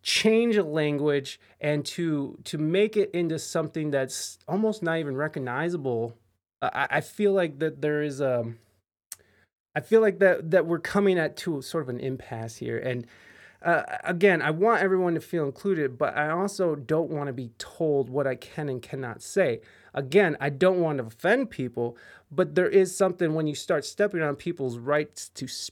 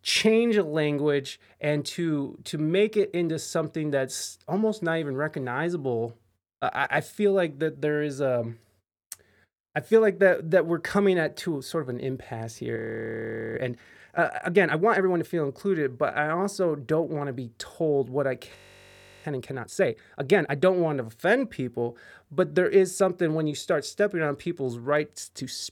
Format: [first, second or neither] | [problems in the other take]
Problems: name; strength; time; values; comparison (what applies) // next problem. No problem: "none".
first | audio freezing; at 13 s for 1 s and at 19 s for 0.5 s